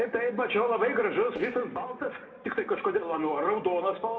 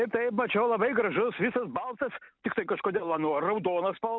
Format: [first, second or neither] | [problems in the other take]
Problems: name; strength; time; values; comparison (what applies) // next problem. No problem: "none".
second | noise reduction (neural separator model SepFormer DNS4)